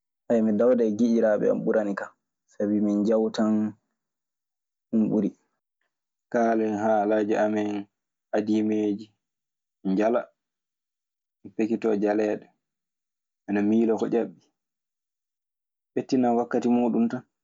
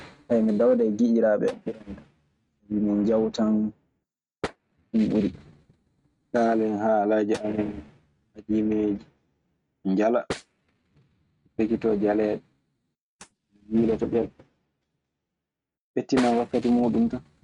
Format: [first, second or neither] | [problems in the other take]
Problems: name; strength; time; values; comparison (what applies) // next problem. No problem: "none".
first | noise reduction (neural mask model RNNoise)